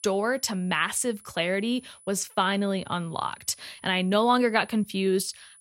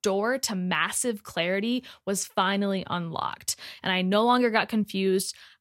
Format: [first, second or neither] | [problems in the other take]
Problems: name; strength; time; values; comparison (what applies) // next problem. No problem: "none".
second | high-pitched whine; faint; throughout; 10 kHz, 25 dB below the speech